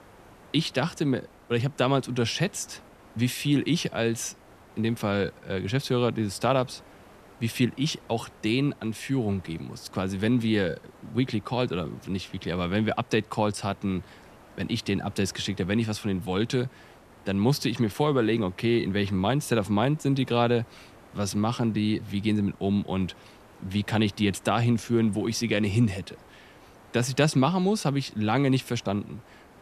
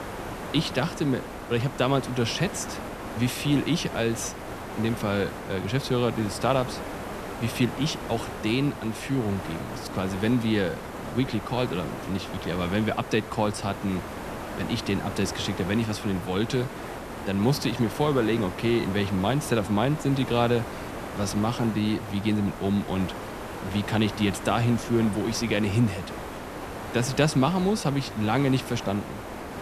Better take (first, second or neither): first